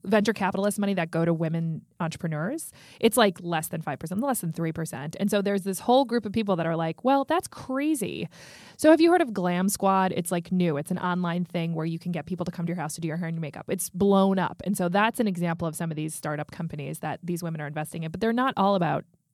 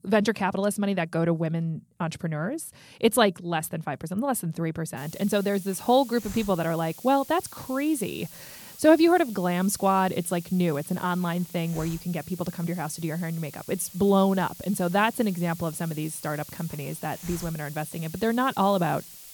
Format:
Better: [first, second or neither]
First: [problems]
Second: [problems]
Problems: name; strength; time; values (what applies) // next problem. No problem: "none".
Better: first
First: none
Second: hiss; noticeable; from 5 s on; 15 dB below the speech